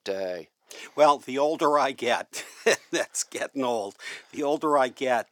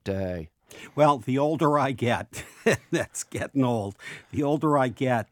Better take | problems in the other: second | thin; somewhat; fading below 450 Hz

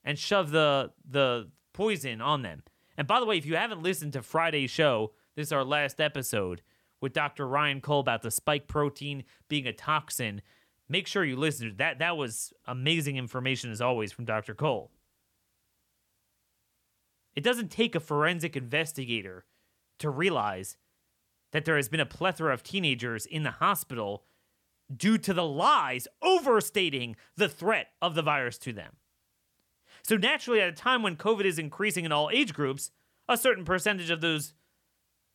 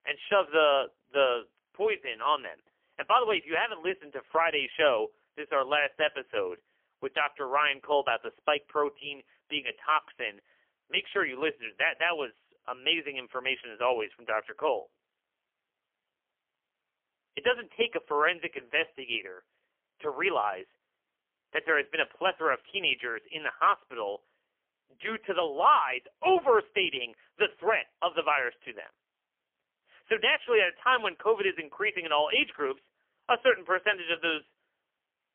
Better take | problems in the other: first | phone-call audio; poor line; nothing above 3 kHz

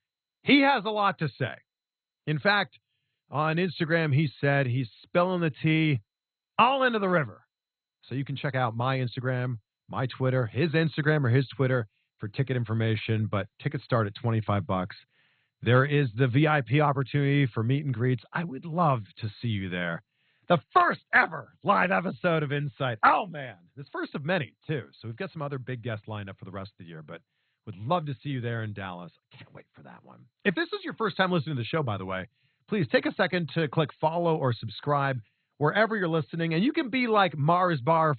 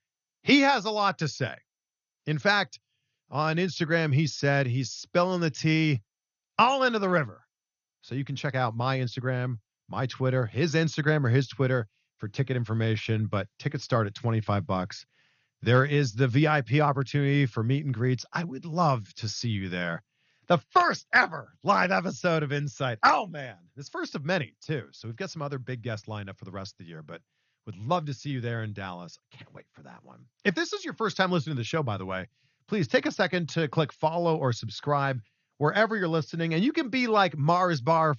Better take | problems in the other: second | garbled, watery; badly; nothing above 4 kHz; slightly in the second

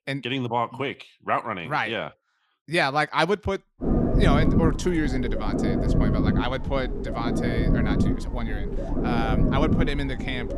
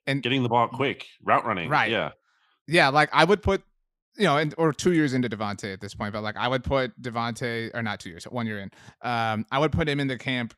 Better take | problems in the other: second | low rumble; loud; from 4 s on; 4 dB below the speech

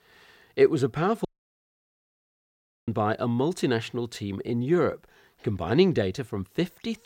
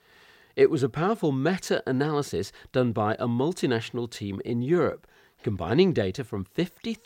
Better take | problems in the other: second | audio cutting out; at 1.5 s for 1.5 s

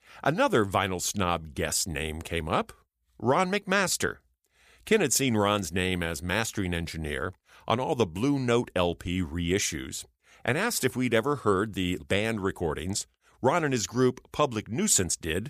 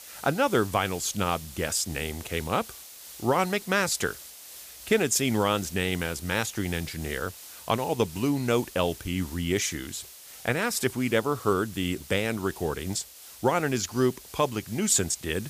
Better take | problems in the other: first | hiss; noticeable; throughout; 15 dB below the speech

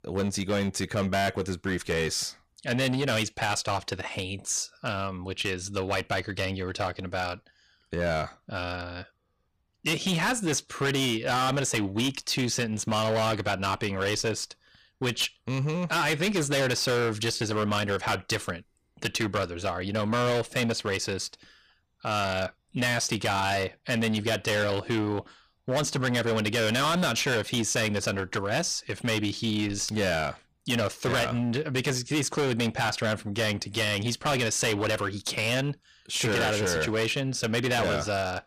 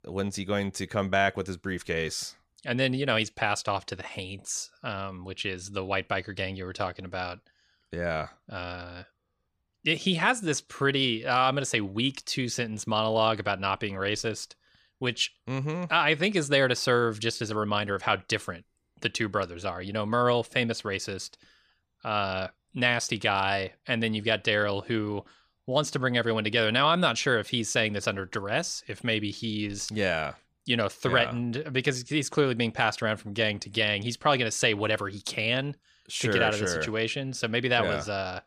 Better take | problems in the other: second | distortion; heavy; 16% of the sound clipped

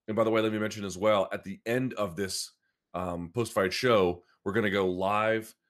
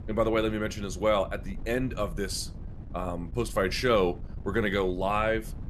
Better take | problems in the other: first | wind noise on the microphone; occasional gusts; 25 dB below the speech

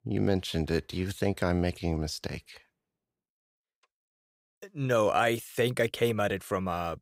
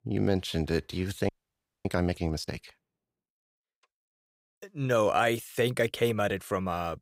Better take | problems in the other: first | audio freezing; at 1.5 s for 0.5 s

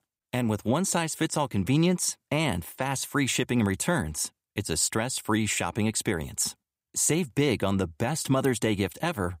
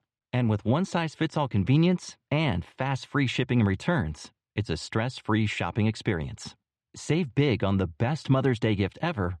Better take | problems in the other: first | muffled; slightly; fading above 4 kHz

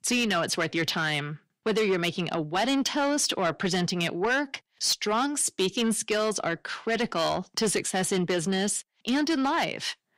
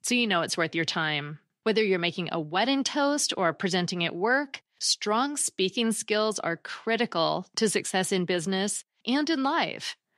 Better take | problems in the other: second | distortion; slight; 10 dB below the speech

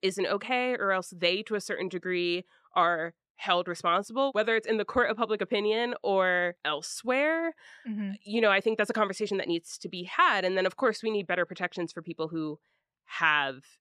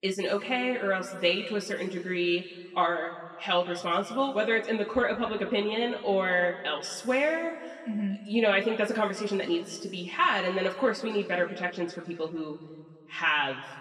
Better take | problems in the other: first | room echo; slight; dies away in 1.7 s // off-mic speech; somewhat distant

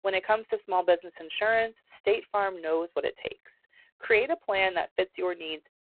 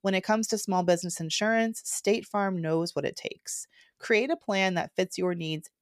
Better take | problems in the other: second | phone-call audio; poor line

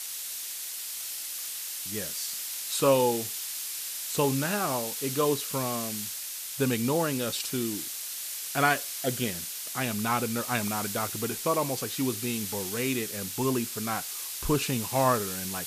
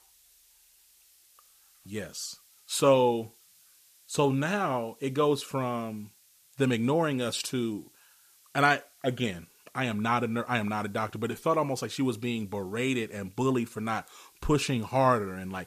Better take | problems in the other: second | hiss; loud; throughout; 3 dB below the speech; faint in the second

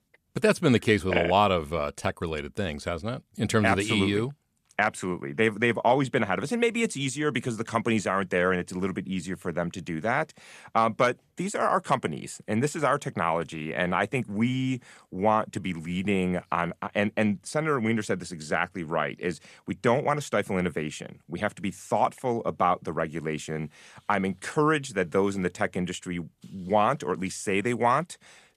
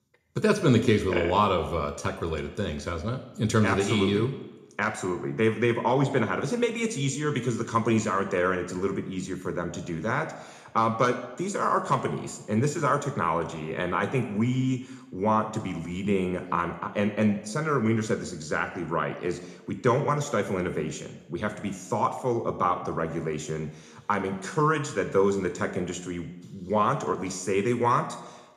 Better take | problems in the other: first | room echo; slight; dies away in 0.7 s

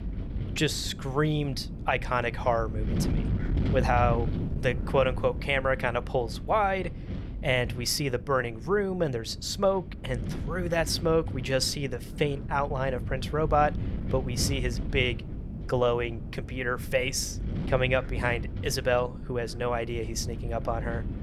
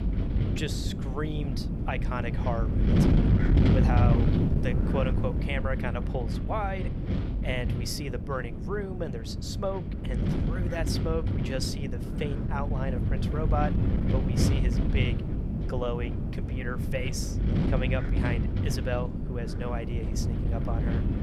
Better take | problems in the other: first | wind noise on the microphone; heavy; 2 dB below the speech; occasional gusts in the first

